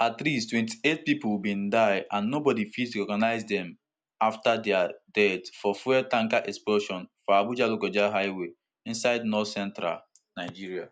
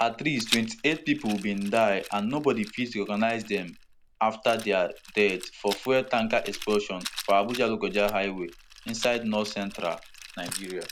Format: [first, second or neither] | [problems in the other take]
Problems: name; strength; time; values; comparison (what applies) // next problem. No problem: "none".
first | background sound (Rattle); 13 dB below the speech